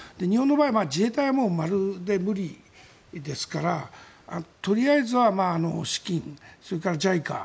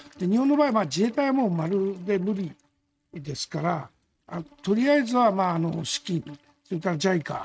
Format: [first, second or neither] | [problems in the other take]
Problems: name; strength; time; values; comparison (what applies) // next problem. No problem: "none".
first | noise reduction (neural mask model RNNoise)